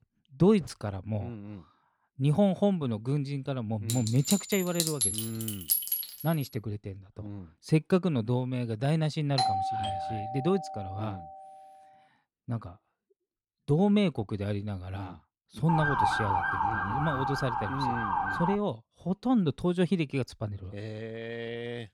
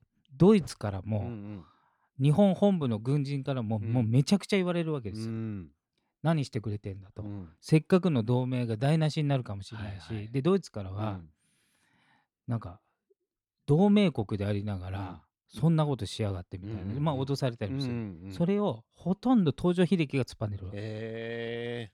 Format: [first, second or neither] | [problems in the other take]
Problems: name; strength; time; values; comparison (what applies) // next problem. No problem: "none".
second | clattering dishes; loud; from 4 to 6 s; peak 4 dB above the speech // doorbell; loud; from 9.5 to 11 s; peak 2 dB above the speech // siren; loud; from 16 to 19 s; peak 4 dB above the speech